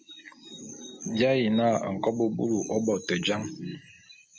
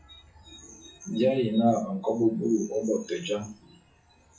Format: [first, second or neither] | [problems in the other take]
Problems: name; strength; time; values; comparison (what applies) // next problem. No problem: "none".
first | noise reduction (classical method WPE with log-MMSE)